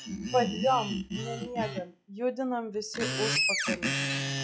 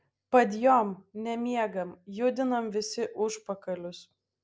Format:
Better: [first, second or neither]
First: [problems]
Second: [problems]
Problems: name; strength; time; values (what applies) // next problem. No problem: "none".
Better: second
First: noise reduction (classical method log-MMSE)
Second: none